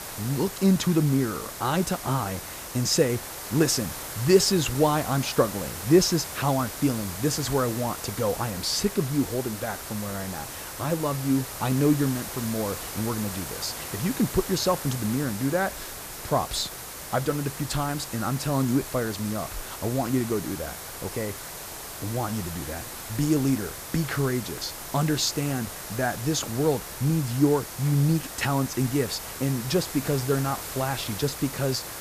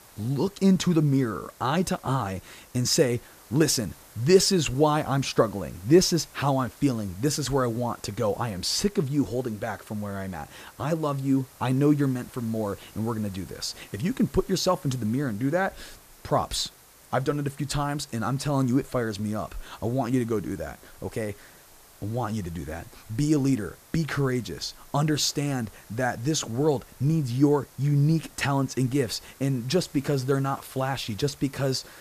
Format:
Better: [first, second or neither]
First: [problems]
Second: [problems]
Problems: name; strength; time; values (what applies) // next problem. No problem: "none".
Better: second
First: hiss; loud; throughout; 8 dB below the speech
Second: hiss; faint; throughout; 25 dB below the speech